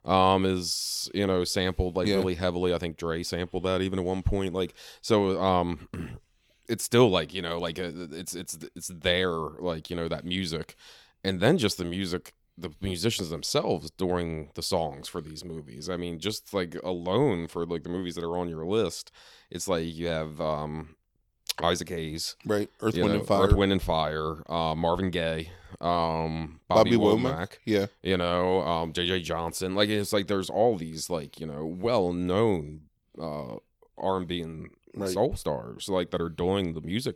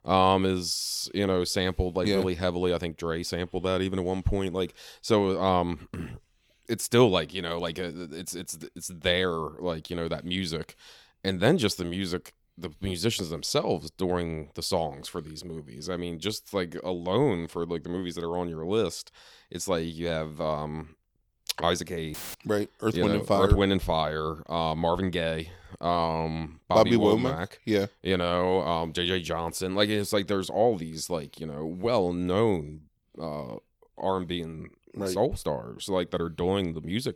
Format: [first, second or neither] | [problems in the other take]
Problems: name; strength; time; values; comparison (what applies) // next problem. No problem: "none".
first | audio cutting out; filled with static; at 22 s